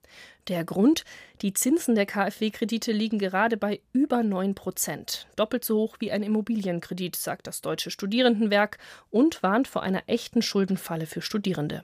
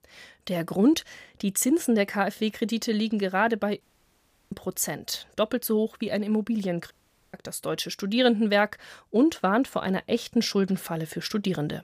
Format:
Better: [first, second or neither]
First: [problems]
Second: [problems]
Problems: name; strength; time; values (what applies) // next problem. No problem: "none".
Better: first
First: none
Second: audio cutting out; at 4 s for 0.5 s and at 7 s